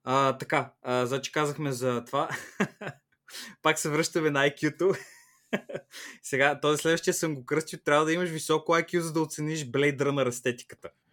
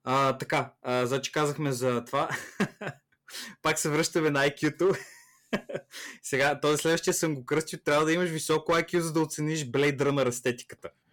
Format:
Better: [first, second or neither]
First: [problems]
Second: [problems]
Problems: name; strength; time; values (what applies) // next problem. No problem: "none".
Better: first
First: none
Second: distortion; slight; 5% of the sound clipped